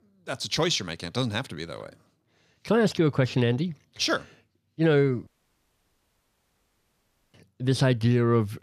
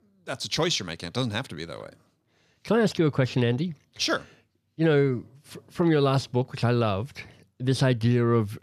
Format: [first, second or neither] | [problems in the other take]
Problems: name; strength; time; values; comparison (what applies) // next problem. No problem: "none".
second | audio cutting out; at 5.5 s for 2 s